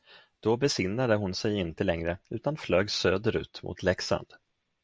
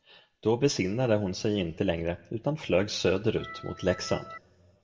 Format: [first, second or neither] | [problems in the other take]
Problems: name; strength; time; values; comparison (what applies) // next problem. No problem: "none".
first | background sound (Organ); 15 dB below the speech // room echo; dies away in 0.7 s